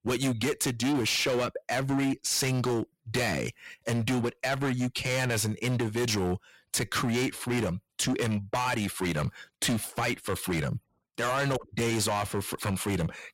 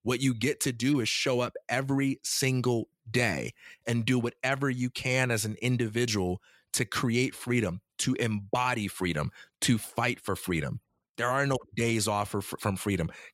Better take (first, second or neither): second